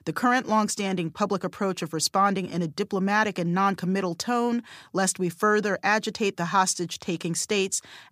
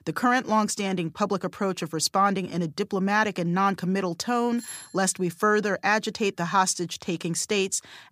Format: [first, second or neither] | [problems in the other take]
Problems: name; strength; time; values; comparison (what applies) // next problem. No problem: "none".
first | doorbell; faint; at 4.5 s; peak 15 dB below the speech